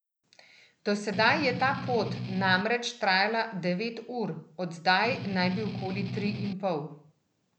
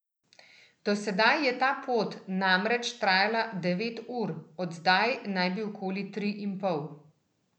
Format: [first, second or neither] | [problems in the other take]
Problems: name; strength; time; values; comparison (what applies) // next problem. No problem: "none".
second | background sound (Strum); 6 dB below the speech